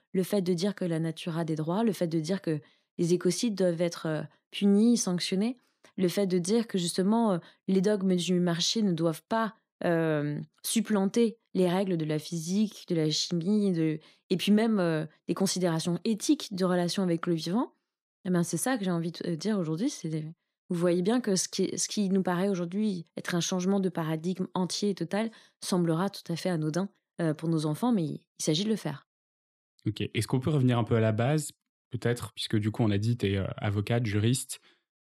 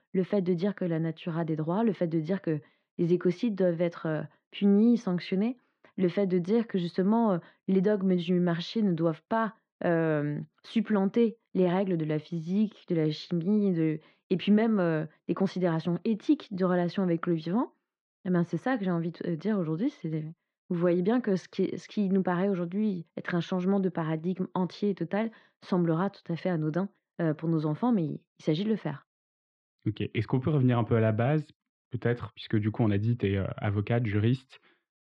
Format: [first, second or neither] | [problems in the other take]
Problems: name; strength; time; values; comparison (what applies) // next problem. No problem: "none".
first | muffled; very; fading above 2.5 kHz